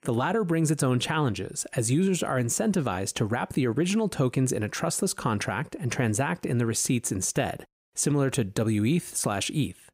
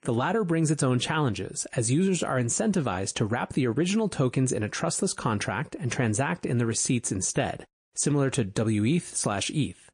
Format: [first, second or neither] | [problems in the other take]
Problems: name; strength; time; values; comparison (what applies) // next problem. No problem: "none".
first | garbled, watery; slightly; nothing above 9 kHz